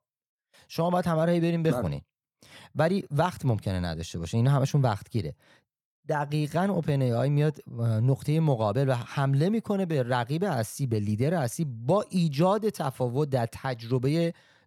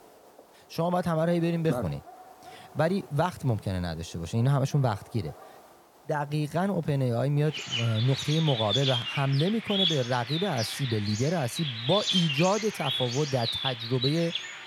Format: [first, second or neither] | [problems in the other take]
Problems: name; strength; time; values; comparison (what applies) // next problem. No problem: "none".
first | animal sounds; loud; throughout; 2 dB below the speech